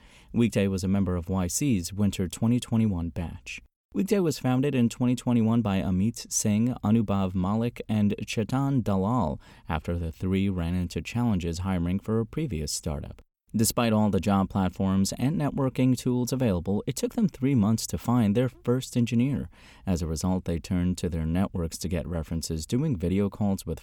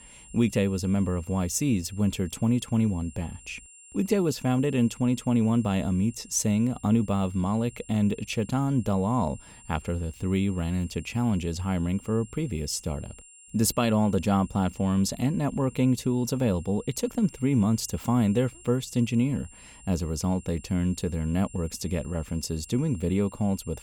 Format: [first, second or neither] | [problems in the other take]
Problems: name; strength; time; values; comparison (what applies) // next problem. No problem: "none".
first | high-pitched whine; faint; throughout; 7.5 kHz, 20 dB below the speech